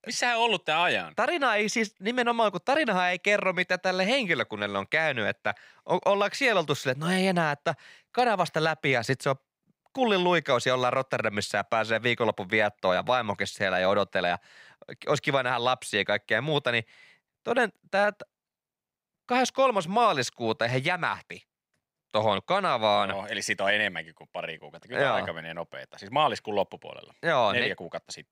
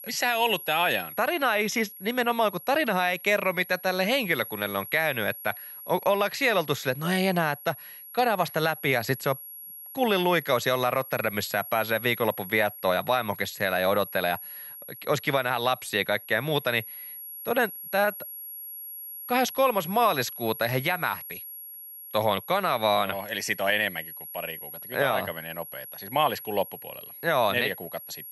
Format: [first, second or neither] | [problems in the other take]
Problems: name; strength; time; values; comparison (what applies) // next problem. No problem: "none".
first | high-pitched whine; noticeable; throughout; 11.5 kHz, 15 dB below the speech